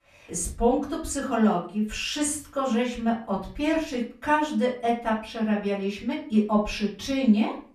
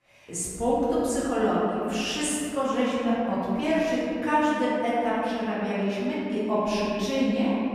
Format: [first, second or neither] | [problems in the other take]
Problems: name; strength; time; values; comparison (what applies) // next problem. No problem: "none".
first | room echo; strong; dies away in 2.5 s; slight in the first // off-mic speech; far; far in the first